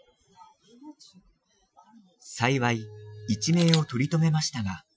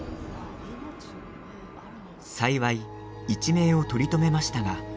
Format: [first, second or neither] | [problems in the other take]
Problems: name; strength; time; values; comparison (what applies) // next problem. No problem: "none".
second | noise reduction (classical method Wiener filter)